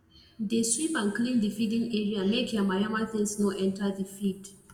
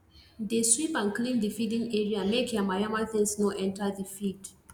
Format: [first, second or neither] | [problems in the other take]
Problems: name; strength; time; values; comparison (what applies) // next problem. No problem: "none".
second | room echo; dies away in 1.1 s